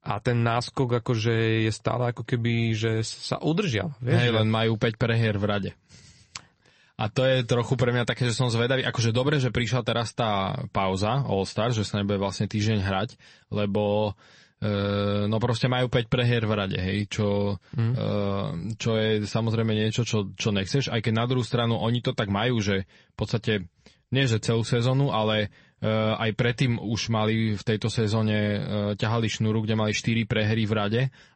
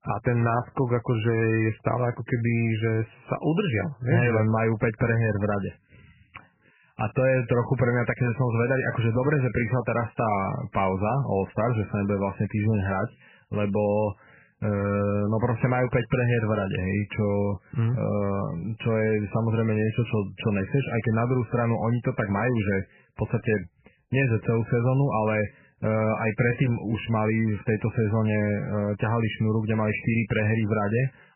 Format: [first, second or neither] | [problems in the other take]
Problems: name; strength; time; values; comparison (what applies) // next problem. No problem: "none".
first | garbled, watery; badly; nothing above 3 kHz; slightly in the first